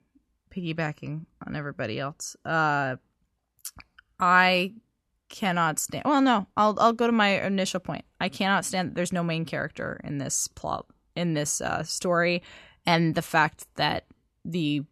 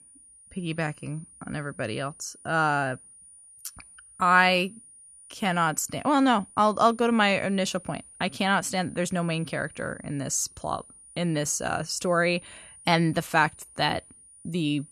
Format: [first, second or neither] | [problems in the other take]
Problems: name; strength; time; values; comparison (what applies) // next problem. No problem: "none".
first | high-pitched whine; faint; throughout; 9.5 kHz, 20 dB below the speech